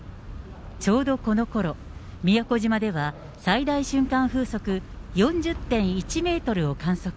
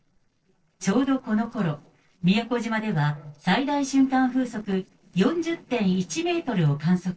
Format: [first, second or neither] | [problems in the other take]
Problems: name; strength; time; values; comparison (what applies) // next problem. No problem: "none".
first | noise reduction (neural separator model SepFormer DNS4)